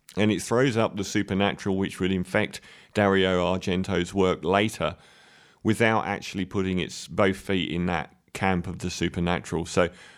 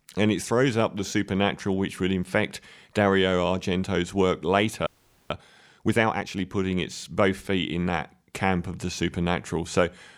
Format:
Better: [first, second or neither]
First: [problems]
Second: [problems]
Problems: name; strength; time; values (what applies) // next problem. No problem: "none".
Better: first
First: none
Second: audio freezing; at 5 s